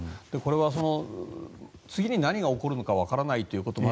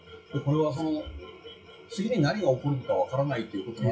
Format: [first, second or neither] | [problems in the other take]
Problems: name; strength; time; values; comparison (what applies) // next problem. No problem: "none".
first | noise reduction (classical method WPE with log-MMSE)